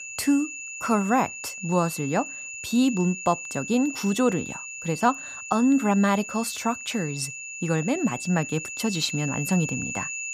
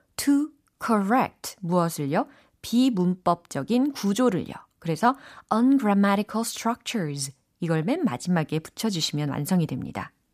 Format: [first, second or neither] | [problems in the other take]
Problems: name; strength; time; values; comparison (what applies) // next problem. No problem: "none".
second | high-pitched whine; loud; throughout; 2.5 kHz, 8 dB below the speech